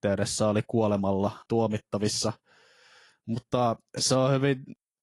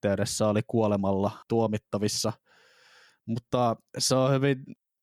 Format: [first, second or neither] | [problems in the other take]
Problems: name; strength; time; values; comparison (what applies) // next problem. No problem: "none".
second | garbled, watery; slightly; nothing above 11 kHz